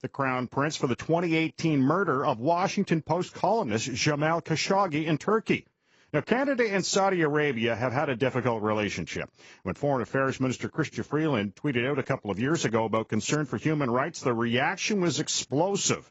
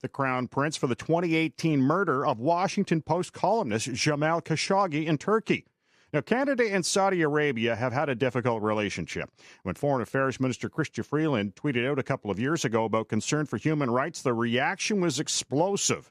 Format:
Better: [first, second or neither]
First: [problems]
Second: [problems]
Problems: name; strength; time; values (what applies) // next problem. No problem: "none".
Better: second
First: garbled, watery; badly; nothing above 7.5 kHz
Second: none